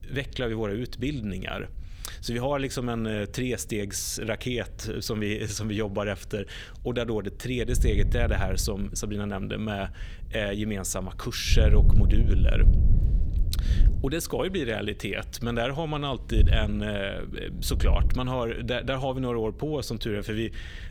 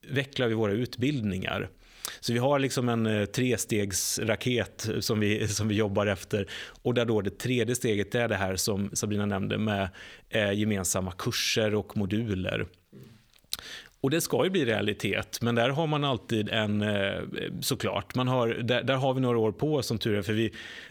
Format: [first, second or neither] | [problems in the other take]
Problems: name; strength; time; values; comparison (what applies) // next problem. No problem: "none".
second | wind noise on the microphone; occasional gusts; 10 dB below the speech